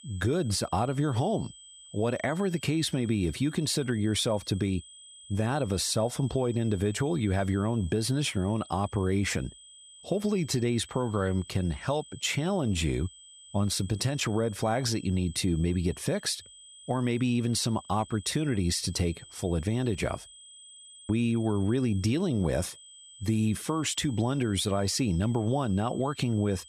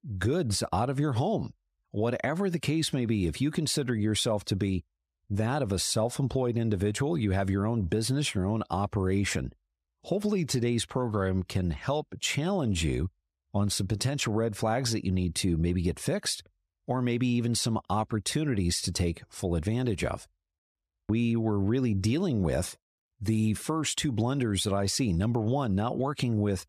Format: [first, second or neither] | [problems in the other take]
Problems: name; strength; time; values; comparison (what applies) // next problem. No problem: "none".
second | high-pitched whine; noticeable; throughout; 3.5 kHz, 20 dB below the speech